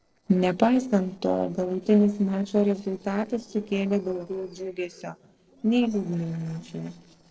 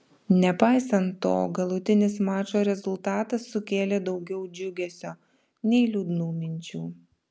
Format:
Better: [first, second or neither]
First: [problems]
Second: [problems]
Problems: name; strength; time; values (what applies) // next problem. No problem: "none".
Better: second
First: noise reduction (neural separator model SepFormer DNS4)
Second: none